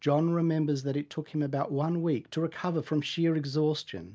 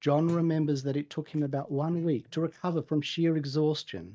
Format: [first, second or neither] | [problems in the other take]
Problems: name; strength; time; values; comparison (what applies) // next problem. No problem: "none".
first | noise reduction (neural mask model DeepFilterNet 3)